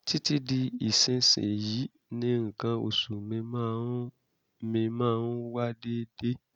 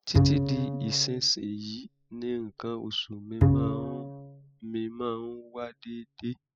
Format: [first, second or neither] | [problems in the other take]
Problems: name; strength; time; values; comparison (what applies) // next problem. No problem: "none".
first | noise reduction (classical method spectral subtraction)